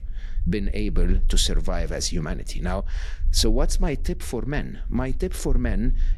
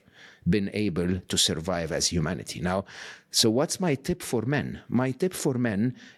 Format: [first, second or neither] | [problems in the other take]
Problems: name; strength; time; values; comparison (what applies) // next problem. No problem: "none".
second | low rumble; faint; throughout; 25 dB below the speech